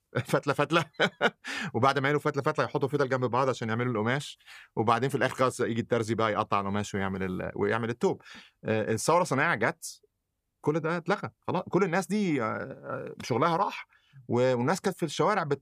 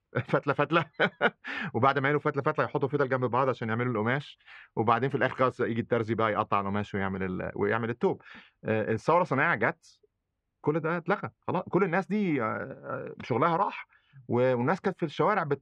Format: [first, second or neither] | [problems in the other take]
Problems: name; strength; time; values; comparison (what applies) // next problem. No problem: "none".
first | muffled; slightly; fading above 2.5 kHz